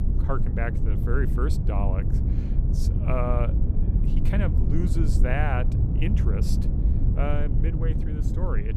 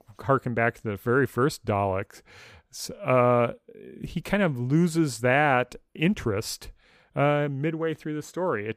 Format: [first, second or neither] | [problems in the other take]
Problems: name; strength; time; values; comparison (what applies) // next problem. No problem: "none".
second | low rumble; loud; throughout; 5 dB below the speech